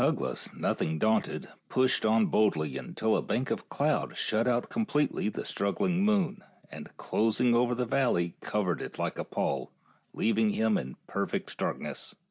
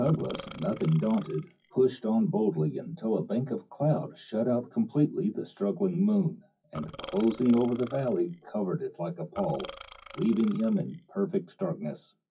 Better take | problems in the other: first | noise reduction (classical method WPE with log-MMSE)

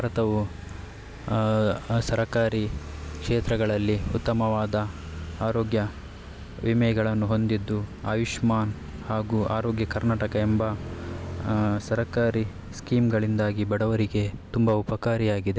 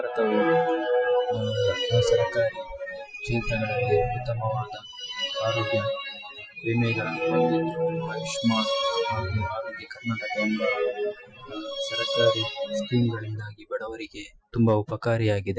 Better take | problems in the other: first | noise reduction (classical method Wiener filter)

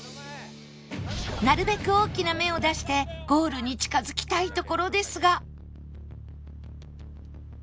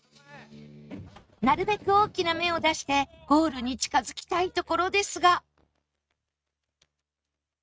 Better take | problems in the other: first | noise reduction (neural mask model RNNoise)

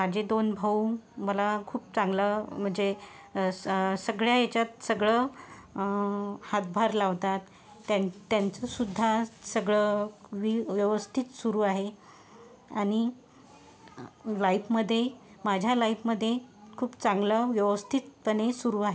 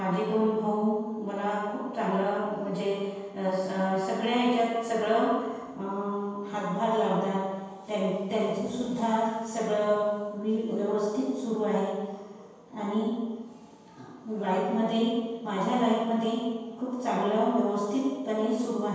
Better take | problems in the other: first | room echo; dies away in 1.2 s

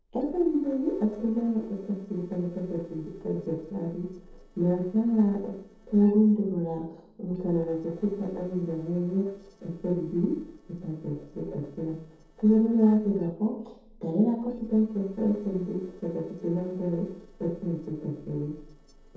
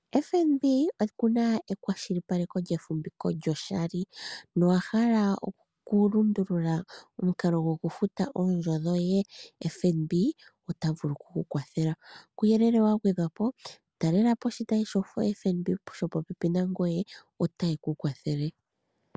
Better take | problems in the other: second | noise reduction (neural separator model SepFormer DNS4)

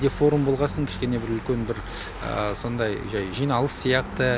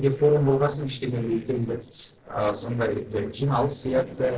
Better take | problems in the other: first | noise reduction (neural separator model SepFormer DNS4)

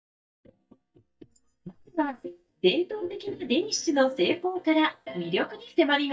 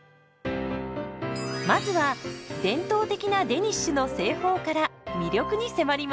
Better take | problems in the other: second | noise reduction (neural mask model DeepFilterNet 3)

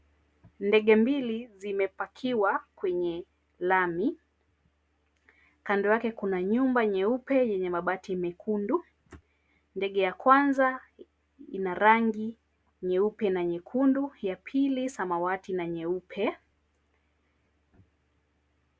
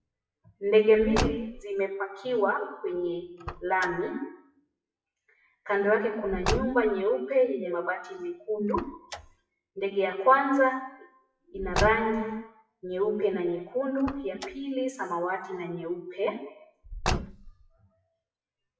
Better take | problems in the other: first | noise reduction (classical method WPE with log-MMSE)

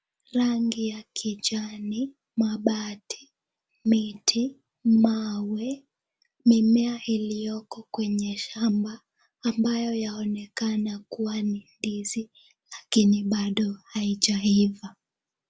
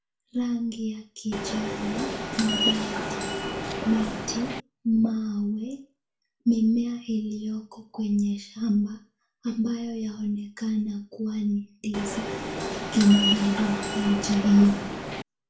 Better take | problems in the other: first | background sound (Subway, metro, underground); 4 dB below the speech // room echo; dies away in 0.3 s

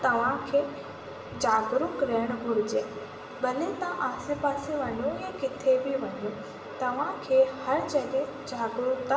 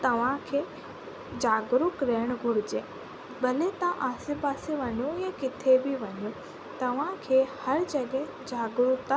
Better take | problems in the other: second | room echo; dies away in 2.5 s

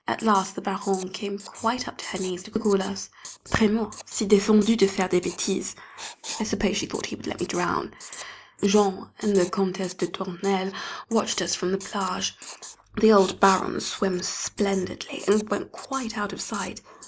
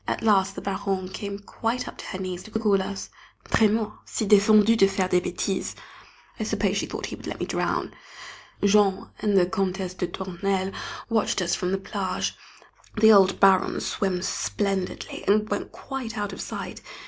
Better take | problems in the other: second | noise reduction (neural mask model Resemble Enhance denoiser)

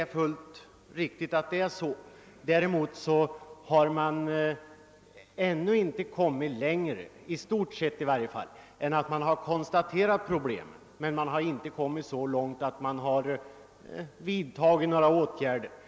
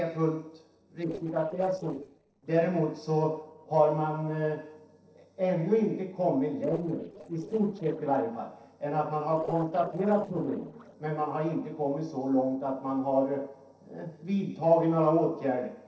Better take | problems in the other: first | noise reduction (neural separator model SepFormer DNS4)

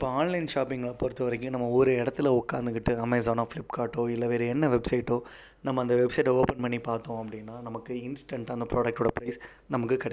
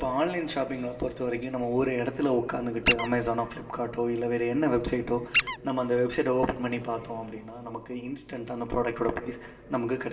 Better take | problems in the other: first | background sound (Squeak); 3 dB below the speech // room echo; dies away in 2.6 s

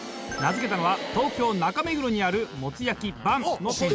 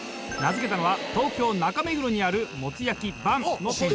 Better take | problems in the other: first | background sound (Engine); 18 dB below the speech

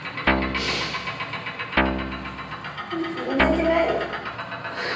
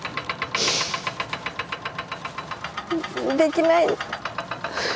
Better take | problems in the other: second | background sound (Guitar); as loud as the speech // room echo; dies away in 0.9 s

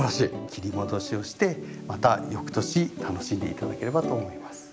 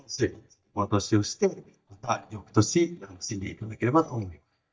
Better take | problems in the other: first | noise reduction (neural mask model DeepFilterNet 3)

